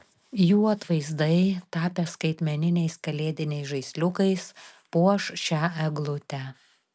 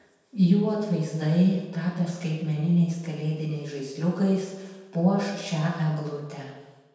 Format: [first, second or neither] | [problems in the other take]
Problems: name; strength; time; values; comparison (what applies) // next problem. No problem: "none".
first | room echo; dies away in 1.1 s